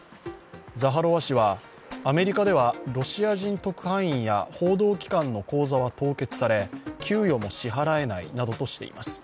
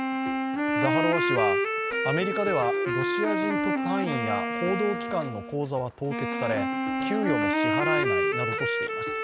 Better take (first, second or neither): first